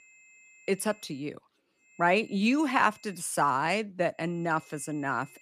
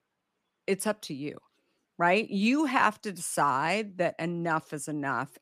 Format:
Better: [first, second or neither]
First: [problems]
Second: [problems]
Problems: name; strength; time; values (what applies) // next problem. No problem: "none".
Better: second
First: high-pitched whine; faint; until 1 s, from 2 to 3 s and from 4 s on; 2.5 kHz, 25 dB below the speech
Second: none